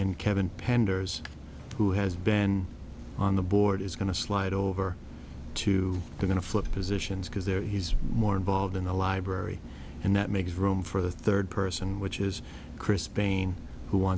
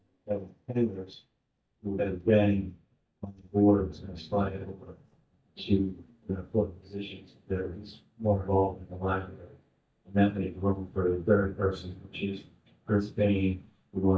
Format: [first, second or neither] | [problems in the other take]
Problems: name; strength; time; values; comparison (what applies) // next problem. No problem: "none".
first | noise reduction (neural mask model DeepFilterNet 3)